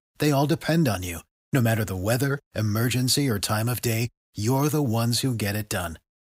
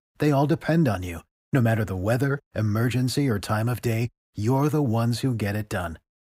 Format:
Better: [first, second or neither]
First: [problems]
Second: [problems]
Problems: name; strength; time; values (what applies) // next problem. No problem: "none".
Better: first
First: none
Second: muffled; slightly; fading above 2.5 kHz